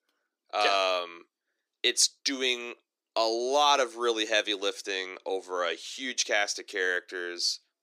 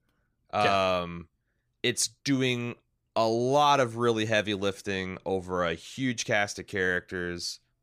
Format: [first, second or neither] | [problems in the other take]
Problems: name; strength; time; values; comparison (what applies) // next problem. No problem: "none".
second | thin; somewhat; fading below 300 Hz